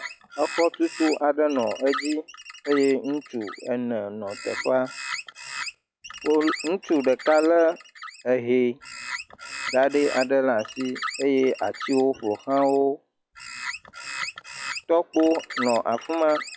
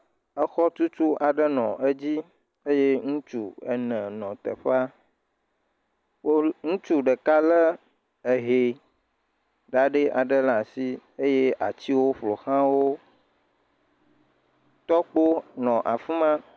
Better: second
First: noise reduction (classical method log-MMSE)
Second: none

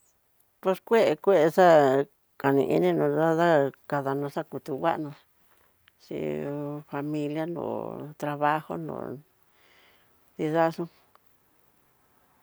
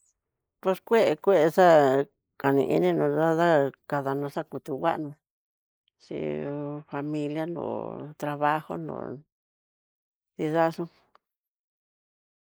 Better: first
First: none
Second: noise reduction (neural mask model Resemble Enhance denoiser)

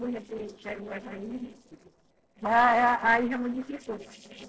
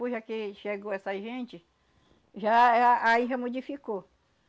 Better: second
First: noise reduction (neural separator model SepFormer DNS4)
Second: none

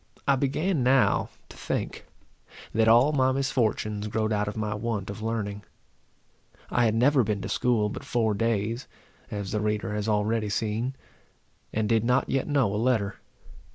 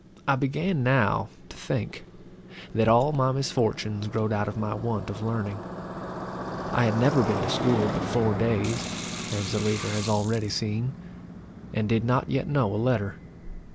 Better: first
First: none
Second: background sound (Motorcycle + Sink (filling or washing) / Water); 9 dB below the speech

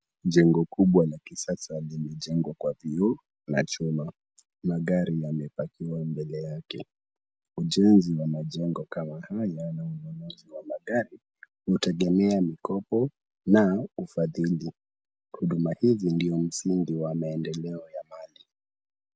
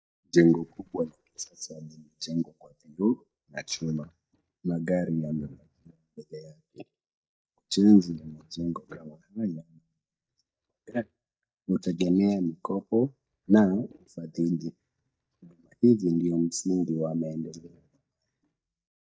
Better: first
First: none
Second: noise reduction (neural mask model DeepFilterNet 3)

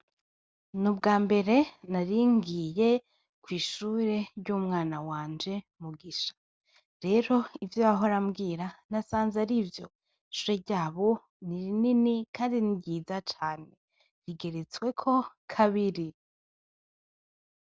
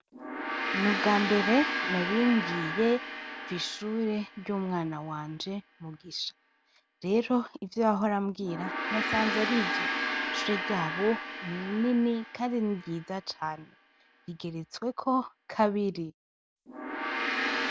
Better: first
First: none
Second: background sound (Gong); 5 dB below the speech

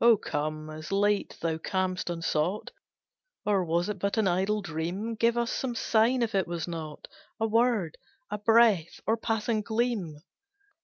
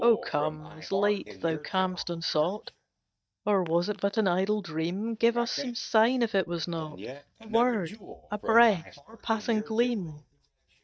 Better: first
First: none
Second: noise reduction (neural mask model DeepFilterNet 3)

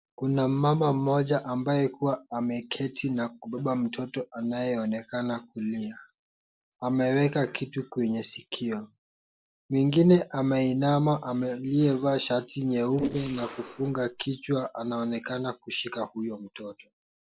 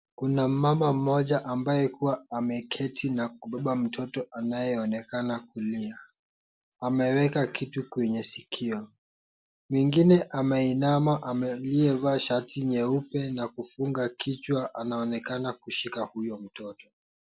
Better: second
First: noise reduction (neural separator model SepFormer DNS4)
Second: none

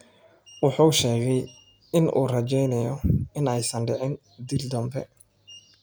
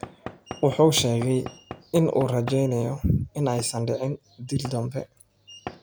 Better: first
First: none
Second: background sound (Knock / Wood); 17 dB below the speech

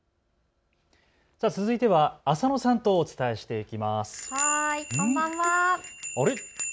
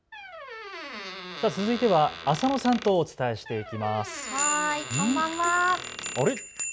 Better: first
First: none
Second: background sound (Squeak); 12 dB below the speech

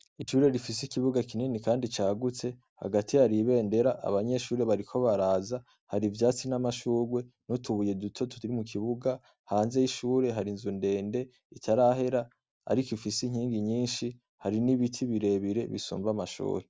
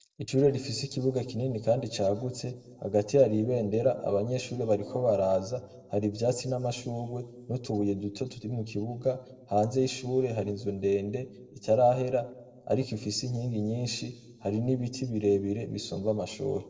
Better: first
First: none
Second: noise reduction (neural separator model SepFormer DNS4)

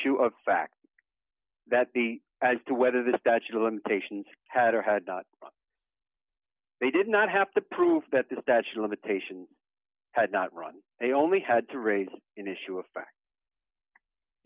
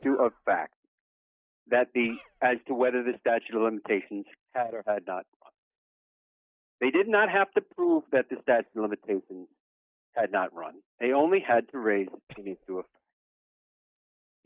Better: first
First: none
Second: noise reduction (neural mask model DeepFilterNet 3)

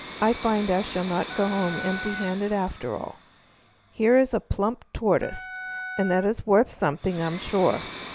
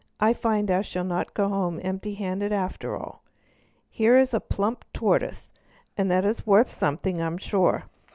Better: second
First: background sound (Wind instrument, woodwind instrument + Domestic sounds, home sounds); 13 dB below the speech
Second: none

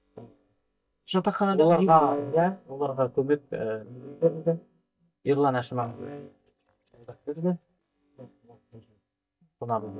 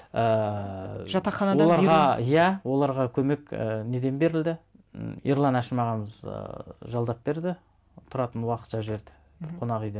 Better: second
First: noise reduction (neural mask model DeepFilterNet 3)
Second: none

